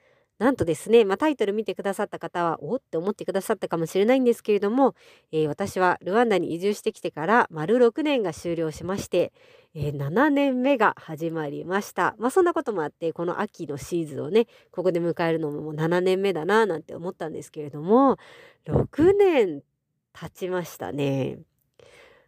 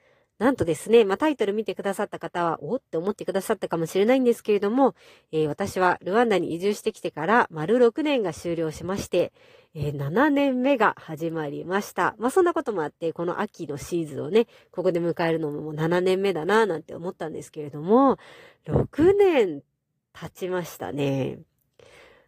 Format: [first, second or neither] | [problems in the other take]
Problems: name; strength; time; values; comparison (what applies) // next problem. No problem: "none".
first | garbled, watery; slightly; nothing above 15 kHz